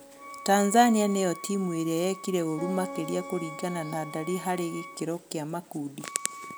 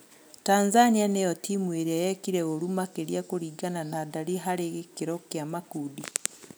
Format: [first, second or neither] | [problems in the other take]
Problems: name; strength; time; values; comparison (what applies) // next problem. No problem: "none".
second | background sound (Acoustic guitar + Wind instrument, woodwind instrument); 14 dB below the speech